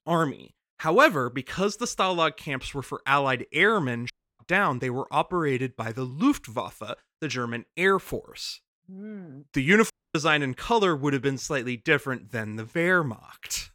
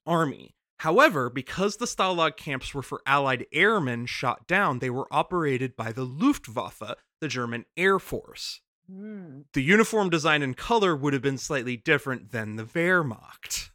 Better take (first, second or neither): second